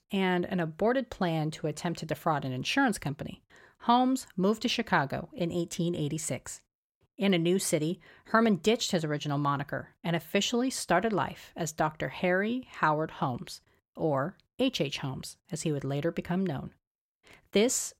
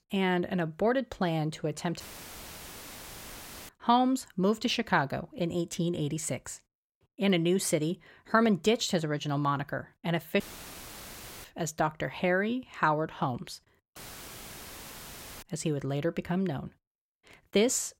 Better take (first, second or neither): first